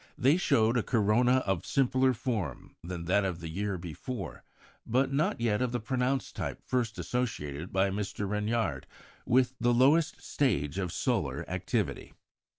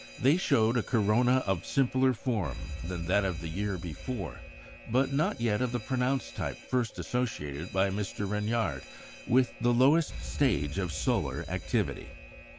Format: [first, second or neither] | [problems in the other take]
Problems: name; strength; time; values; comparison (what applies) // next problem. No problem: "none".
first | background sound (Alarm); 13 dB below the speech